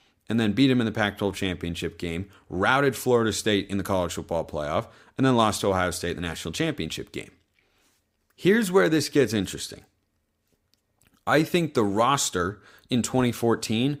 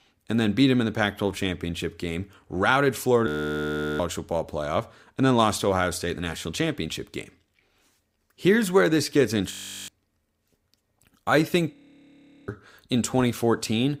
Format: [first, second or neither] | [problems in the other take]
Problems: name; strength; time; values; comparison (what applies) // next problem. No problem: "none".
first | audio freezing; at 3.5 s for 0.5 s, at 9.5 s and at 12 s for 1 s